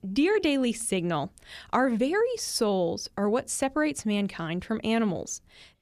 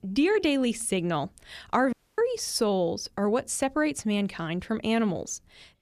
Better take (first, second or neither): first